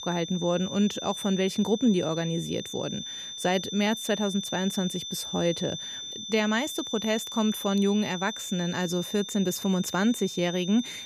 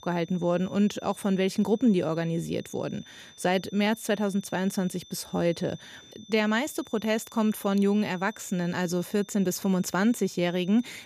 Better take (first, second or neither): second